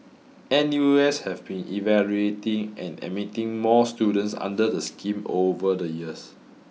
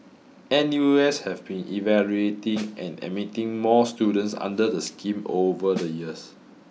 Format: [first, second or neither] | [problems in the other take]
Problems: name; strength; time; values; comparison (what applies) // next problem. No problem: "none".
first | background sound (Snare drum); 12 dB below the speech